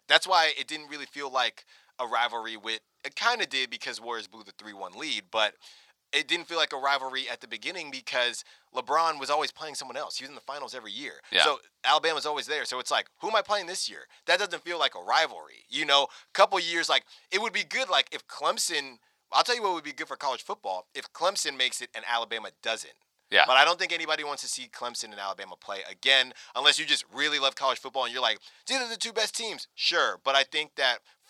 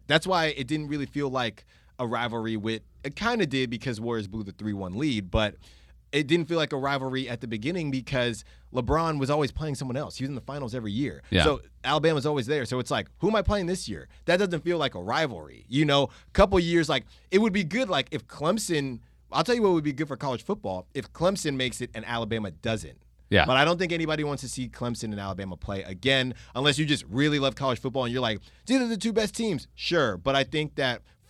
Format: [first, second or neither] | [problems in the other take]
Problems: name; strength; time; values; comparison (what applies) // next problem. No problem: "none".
second | thin; very; fading below 850 Hz